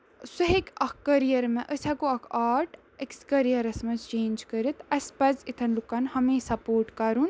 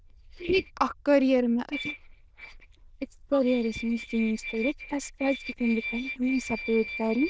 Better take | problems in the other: first | noise reduction (neural diffusion model UNIVERSE++)

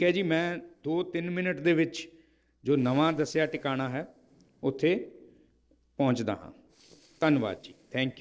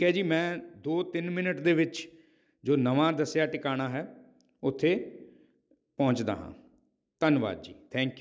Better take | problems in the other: second | noise reduction (neural separator model SepFormer DNS4)

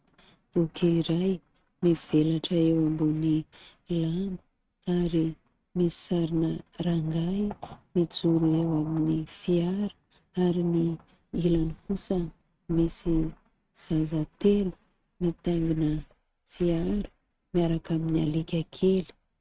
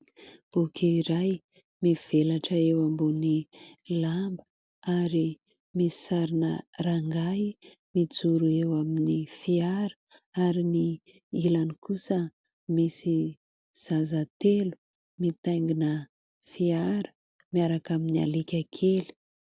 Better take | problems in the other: second | noise reduction (neural mask model RNNoise)

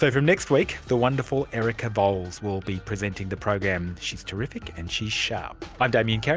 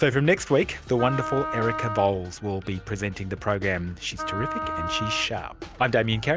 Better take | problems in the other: first | background sound (Wind instrument, woodwind instrument); 7 dB below the speech

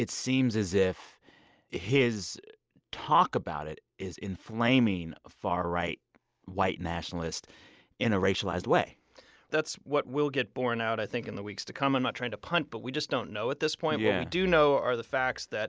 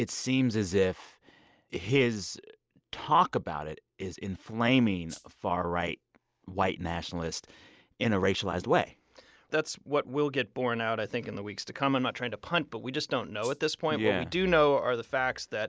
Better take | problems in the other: first | background sound (Rattle (instrument)); 19 dB below the speech

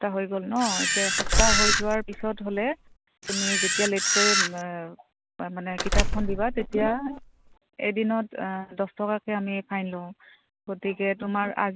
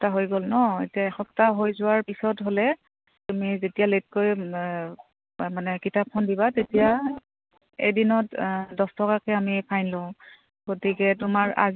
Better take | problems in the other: second | background sound (Door + Camera); 4 dB above the speech

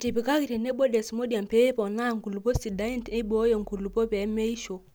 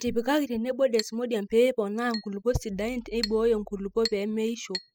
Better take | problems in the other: first | noise reduction (classical method spectral subtraction)

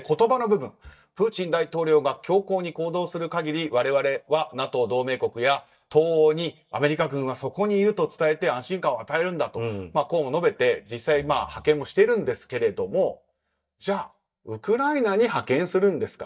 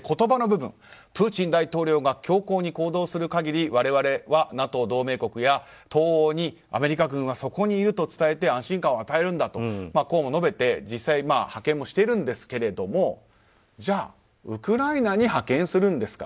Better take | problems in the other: second | noise reduction (neural mask model DeepFilterNet 3)

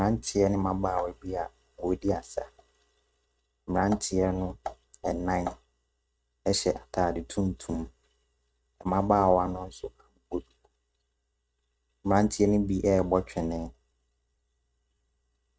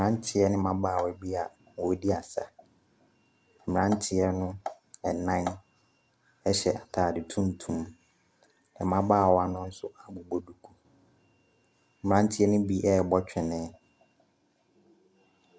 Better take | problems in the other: second | noise reduction (neural mask model RNNoise)

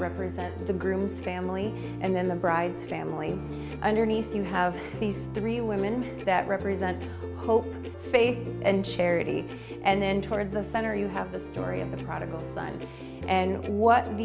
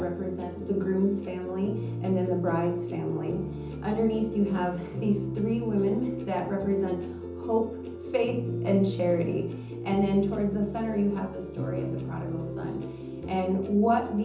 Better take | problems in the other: first | room echo; dies away in 0.6 s

